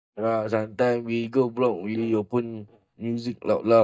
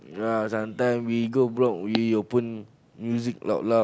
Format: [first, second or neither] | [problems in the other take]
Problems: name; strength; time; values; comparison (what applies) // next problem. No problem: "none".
second | noise reduction (neural mask model DeepFilterNet 3)